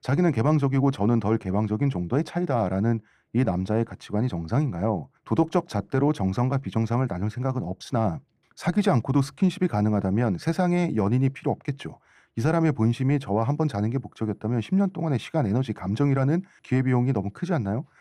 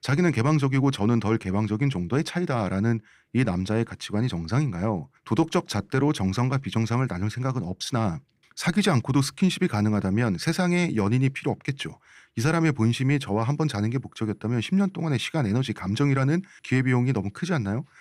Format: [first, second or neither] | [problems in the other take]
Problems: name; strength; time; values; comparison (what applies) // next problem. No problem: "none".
second | muffled; slightly; fading above 1.5 kHz